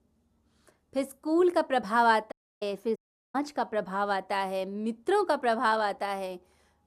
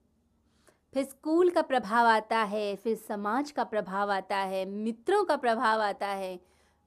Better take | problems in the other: second | audio cutting out; at 2.5 s and at 3 s

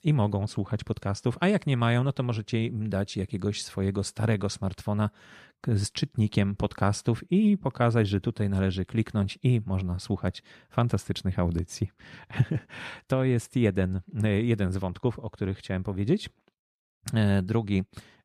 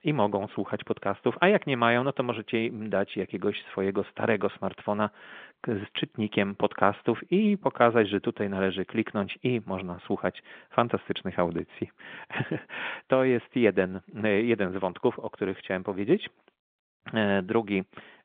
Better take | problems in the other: first | phone-call audio; nothing above 3.5 kHz

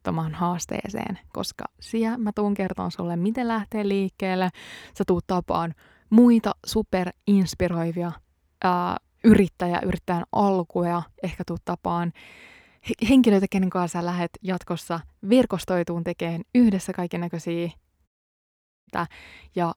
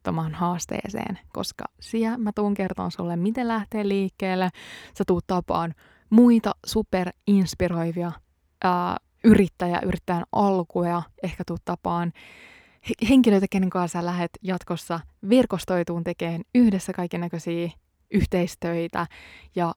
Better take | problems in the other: second | audio cutting out; at 18 s for 1 s

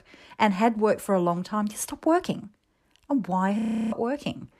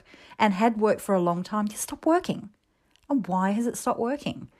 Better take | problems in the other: second | audio freezing; at 3.5 s

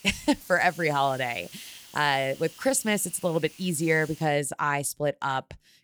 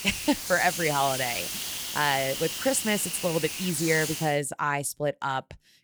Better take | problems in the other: first | hiss; loud; until 4.5 s; 4 dB below the speech; faint in the first

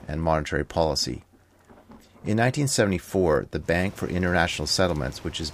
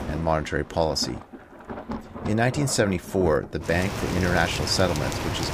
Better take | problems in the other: first | rain or running water; loud; throughout; 8 dB below the speech; faint in the first

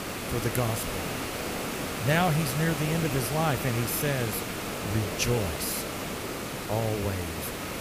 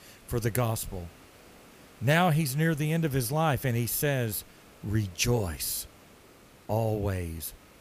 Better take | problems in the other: second | hiss; loud; throughout; 3 dB below the speech; faint in the second

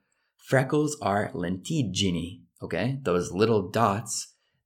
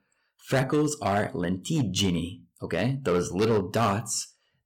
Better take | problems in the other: first | distortion; slight; 5% of the sound clipped

